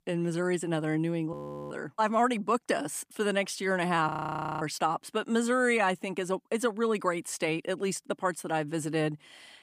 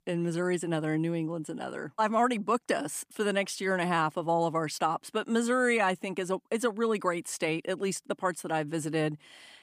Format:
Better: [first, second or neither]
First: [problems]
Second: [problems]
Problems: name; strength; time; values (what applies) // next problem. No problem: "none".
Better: second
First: audio freezing; at 1.5 s and at 4 s for 0.5 s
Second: none